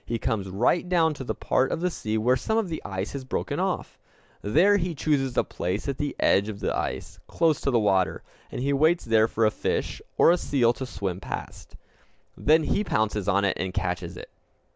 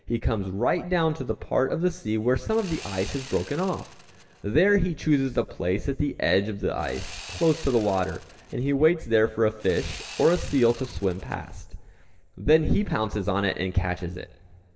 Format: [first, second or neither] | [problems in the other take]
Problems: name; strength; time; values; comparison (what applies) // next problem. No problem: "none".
first | background sound (Sawing); 17 dB below the speech // room echo; dies away in 2 s